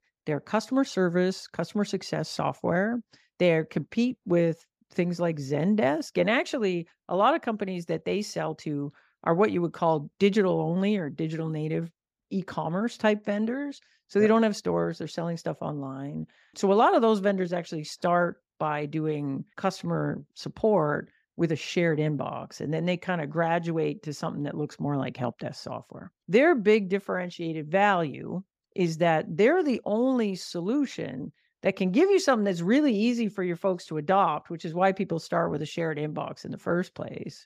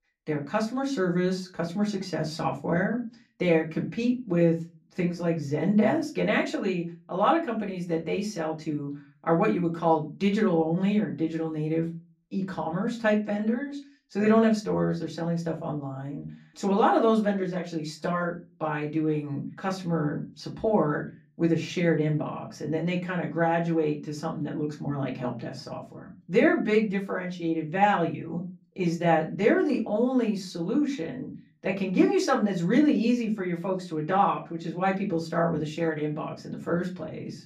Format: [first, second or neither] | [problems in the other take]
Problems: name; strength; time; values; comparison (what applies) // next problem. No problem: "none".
first | off-mic speech; far // room echo; very slight; dies away in 0.3 s